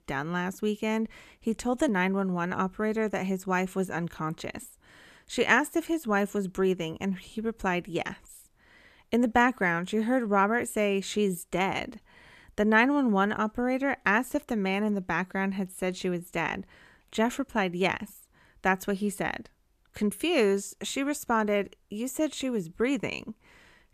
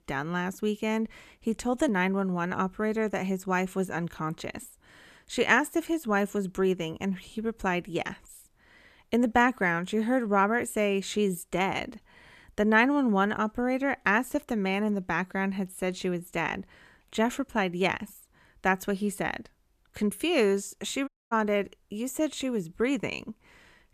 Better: first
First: none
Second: audio cutting out; at 21 s

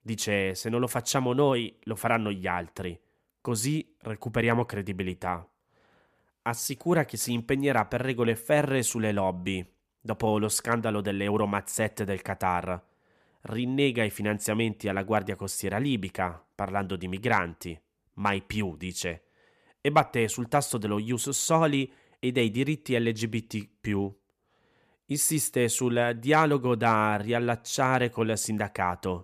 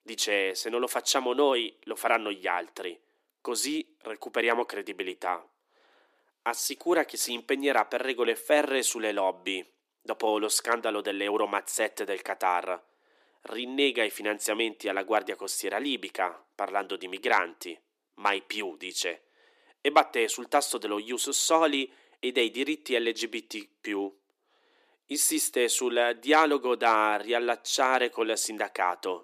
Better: first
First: none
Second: thin; somewhat; fading below 300 Hz

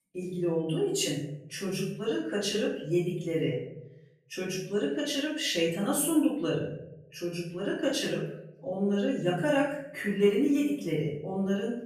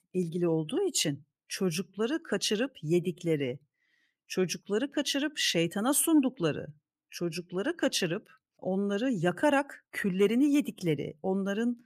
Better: second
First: off-mic speech; far // room echo; noticeable; dies away in 0.7 s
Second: none

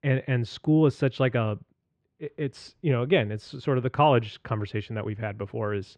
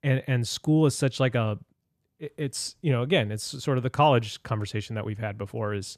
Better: second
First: muffled; slightly; fading above 2.5 kHz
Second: none

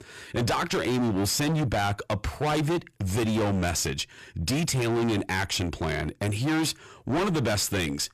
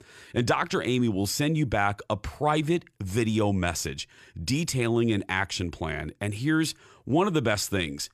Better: second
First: distortion; heavy; 26% of the sound clipped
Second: none

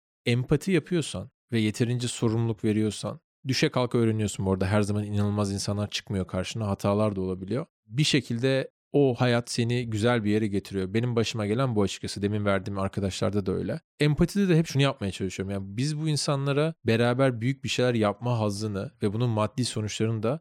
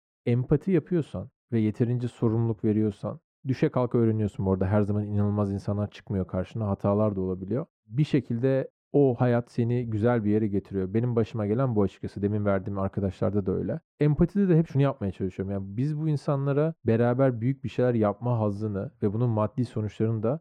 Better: first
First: none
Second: muffled; very; fading above 2 kHz

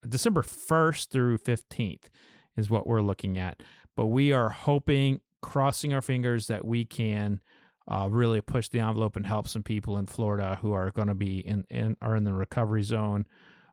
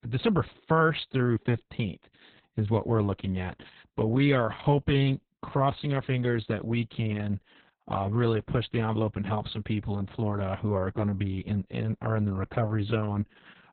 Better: first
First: garbled, watery; slightly; nothing above 18.5 kHz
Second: garbled, watery; badly; nothing above 4 kHz

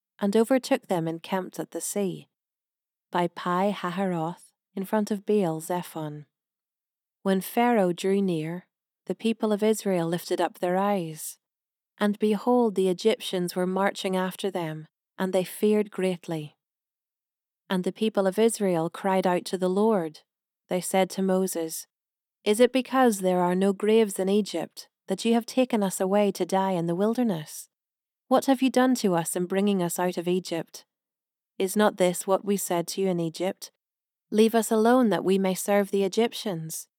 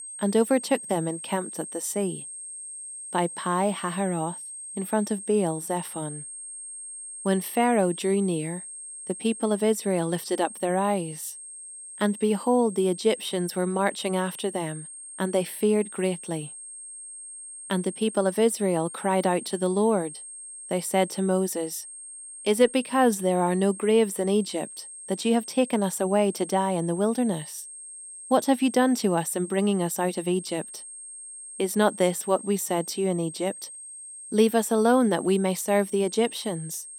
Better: first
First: none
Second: high-pitched whine; noticeable; throughout; 8.5 kHz, 10 dB below the speech

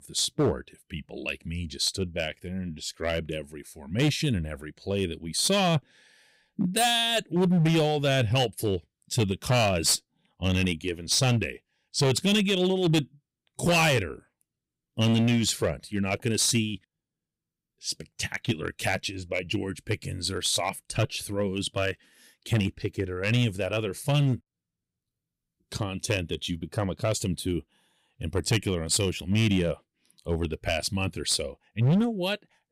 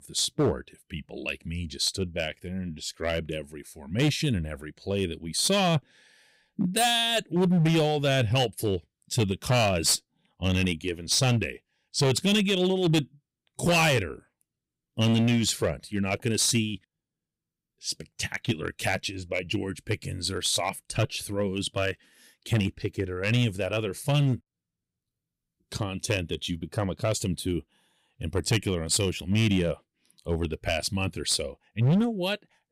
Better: neither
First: distortion; slight; 5% of the sound clipped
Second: distortion; slight; 5% of the sound clipped

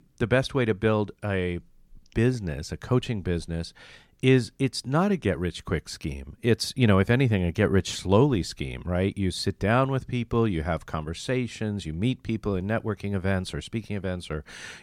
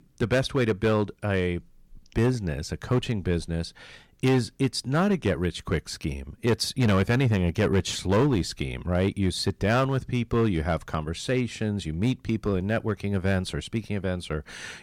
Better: first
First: none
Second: distortion; slight; 5% of the sound clipped

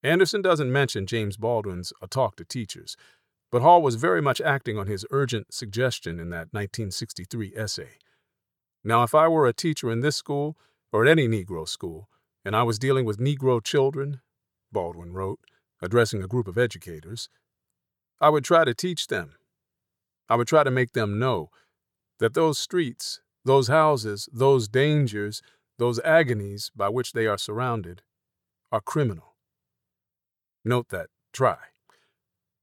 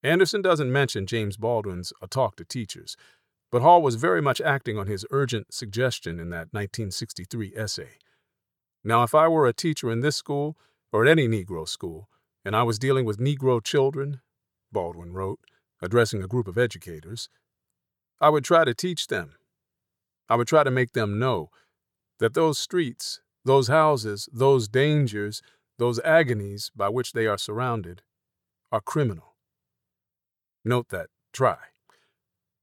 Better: neither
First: none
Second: none

